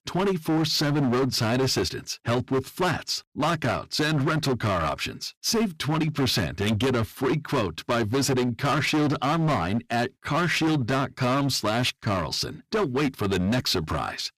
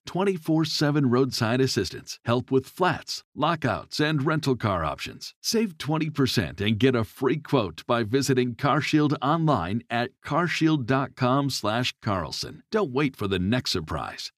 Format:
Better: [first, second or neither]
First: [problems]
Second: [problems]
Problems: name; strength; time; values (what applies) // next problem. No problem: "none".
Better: second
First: distortion; heavy; 19% of the sound clipped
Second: none